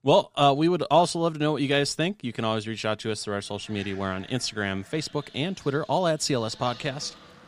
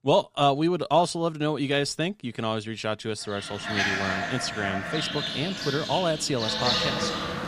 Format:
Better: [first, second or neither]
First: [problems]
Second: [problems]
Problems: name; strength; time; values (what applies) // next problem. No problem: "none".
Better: first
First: animal sounds; faint; from 3.5 s on; 20 dB below the speech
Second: animal sounds; loud; from 3.5 s on; 1 dB below the speech